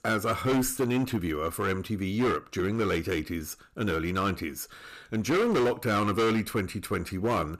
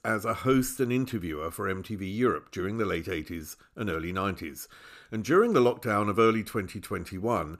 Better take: second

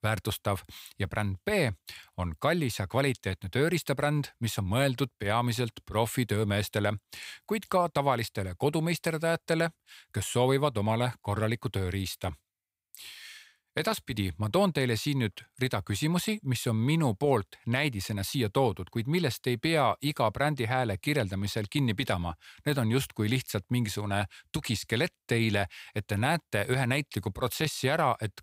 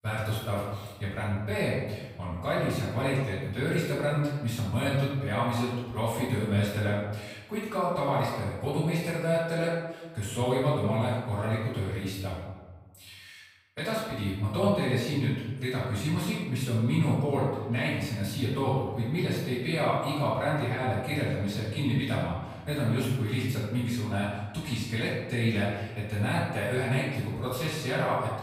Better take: first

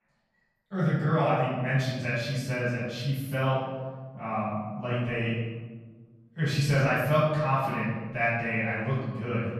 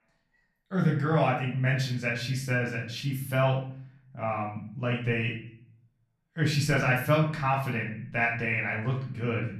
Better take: second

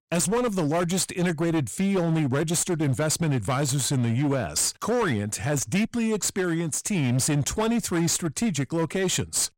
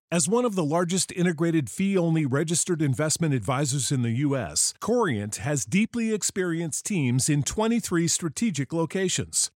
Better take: second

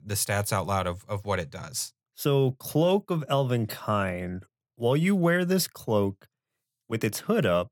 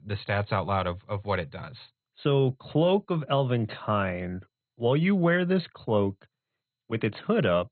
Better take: first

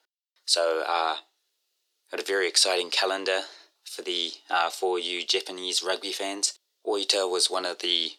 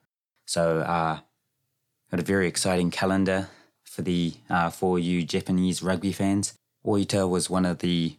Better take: second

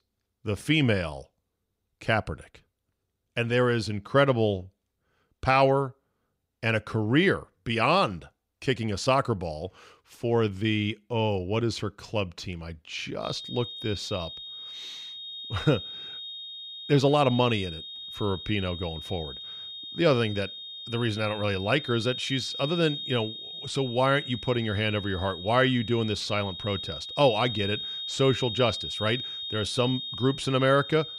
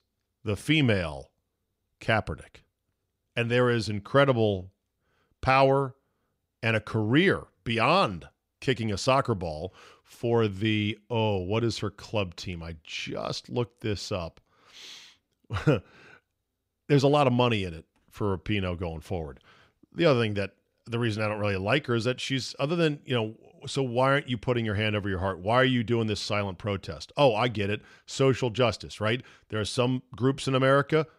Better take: second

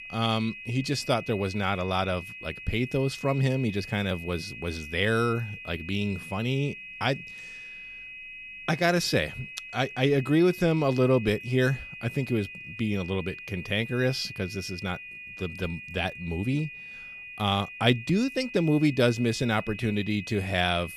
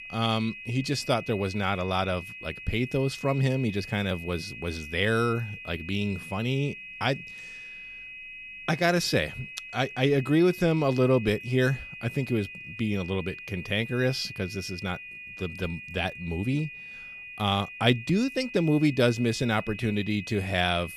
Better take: neither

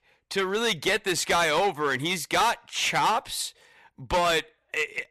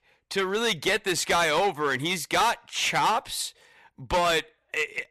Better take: neither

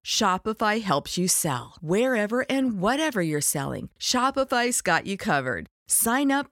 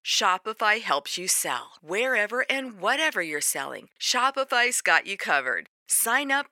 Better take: first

